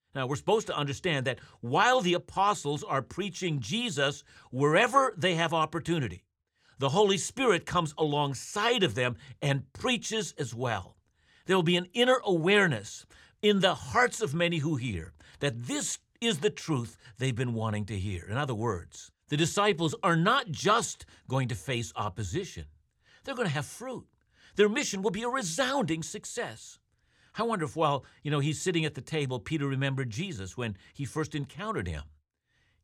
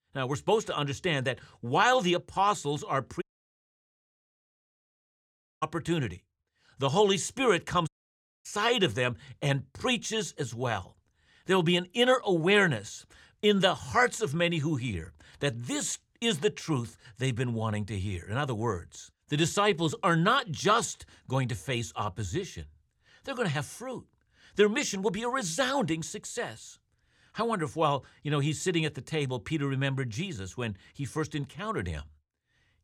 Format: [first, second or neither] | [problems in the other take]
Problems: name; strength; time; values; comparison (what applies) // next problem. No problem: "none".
first | audio cutting out; at 3 s for 2.5 s and at 8 s for 0.5 s